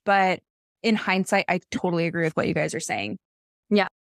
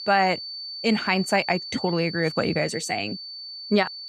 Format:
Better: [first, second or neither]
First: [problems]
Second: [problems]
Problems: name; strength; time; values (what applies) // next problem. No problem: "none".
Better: first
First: none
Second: high-pitched whine; loud; throughout; 4.5 kHz, 9 dB below the speech